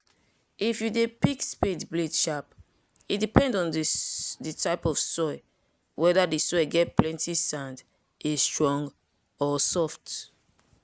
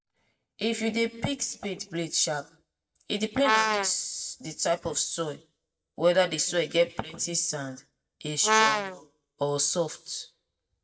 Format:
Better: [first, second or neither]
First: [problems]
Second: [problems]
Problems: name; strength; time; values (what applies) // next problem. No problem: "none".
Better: first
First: none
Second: noise reduction (neural mask model DeepFilterNet 3)